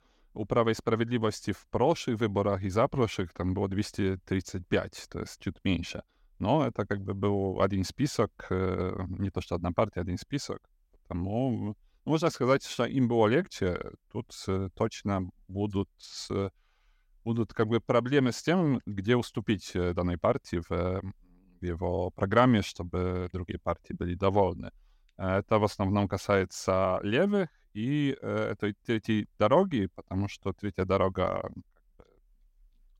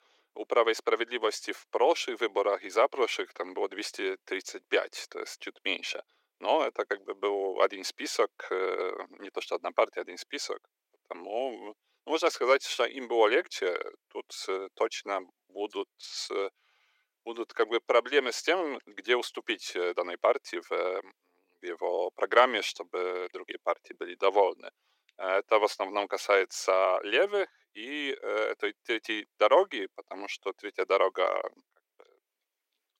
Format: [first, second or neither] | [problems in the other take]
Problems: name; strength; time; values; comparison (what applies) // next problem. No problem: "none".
first | thin; very; fading below 350 Hz